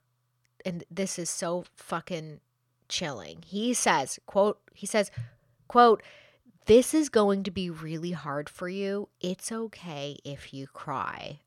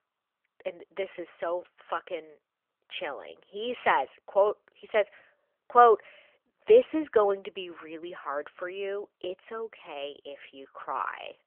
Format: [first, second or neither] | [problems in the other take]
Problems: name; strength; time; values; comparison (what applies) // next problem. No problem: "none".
first | phone-call audio; nothing above 3.5 kHz